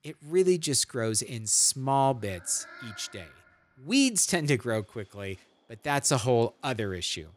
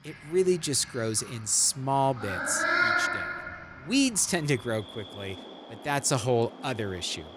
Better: first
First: animal sounds; faint; throughout; 25 dB below the speech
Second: animal sounds; loud; throughout; 2 dB below the speech

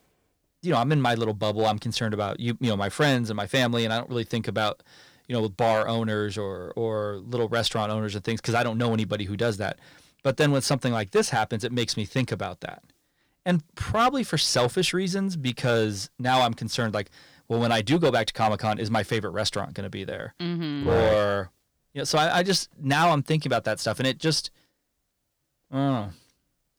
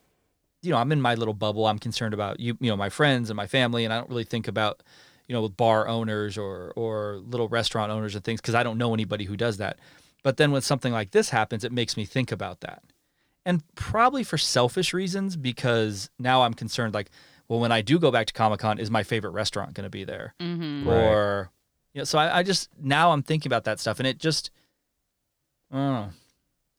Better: second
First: distortion; slight; 3% of the sound clipped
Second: none

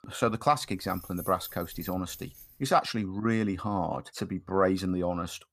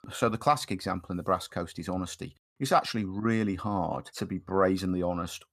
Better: second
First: jangling keys; faint; from 0.5 to 2.5 s; peak 10 dB below the speech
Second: none

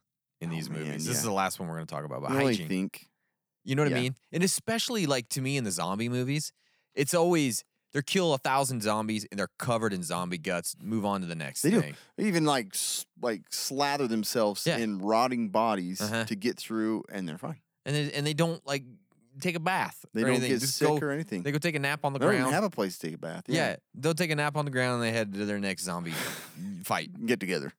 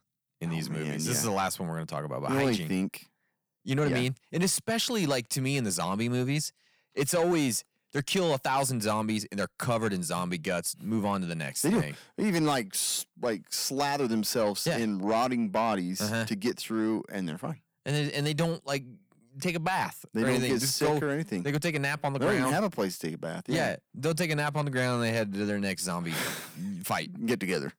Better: first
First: none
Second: distortion; slight; 10 dB below the speech

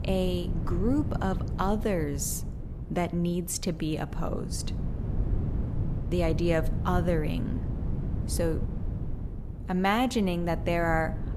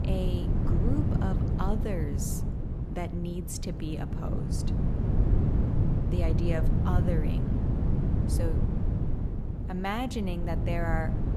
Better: first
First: wind noise on the microphone; occasional gusts; 15 dB below the speech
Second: wind noise on the microphone; heavy; 3 dB below the speech

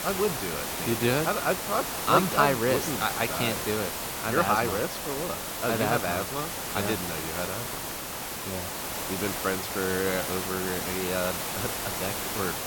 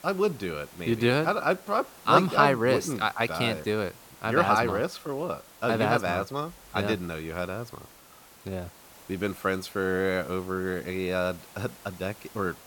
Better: second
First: hiss; loud; throughout; 2 dB below the speech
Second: hiss; faint; throughout; 20 dB below the speech

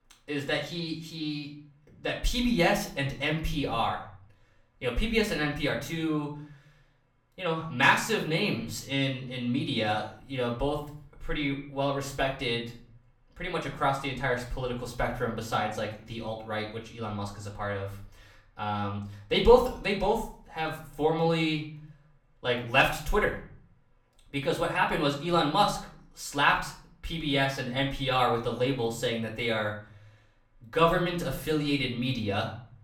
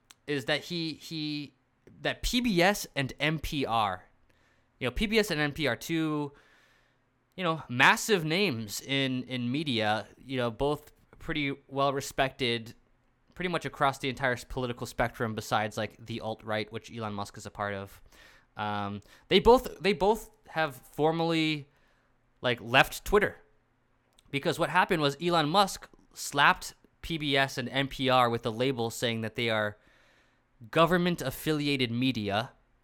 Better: second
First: off-mic speech; far // room echo; slight; dies away in 0.5 s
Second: none

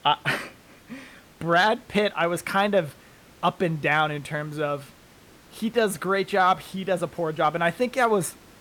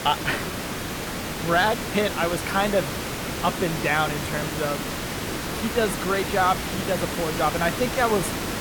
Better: first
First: hiss; faint; throughout; 25 dB below the speech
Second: hiss; loud; throughout; 3 dB below the speech

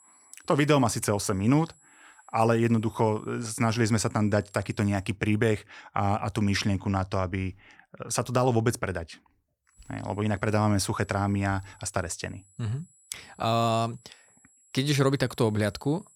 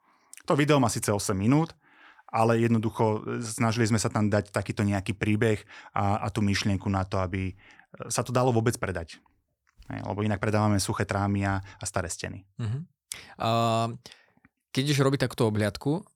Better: second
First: high-pitched whine; faint; until 5 s and from 9.5 s on; 7.5 kHz, 30 dB below the speech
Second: none

